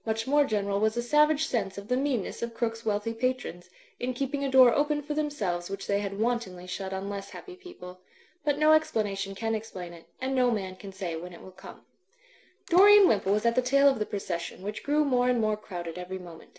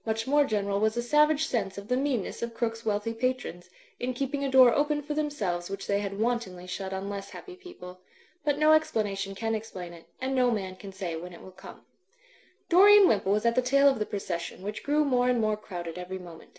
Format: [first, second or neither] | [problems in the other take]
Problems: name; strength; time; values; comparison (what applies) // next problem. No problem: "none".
second | background sound (Water / Splash, splatter); 19 dB below the speech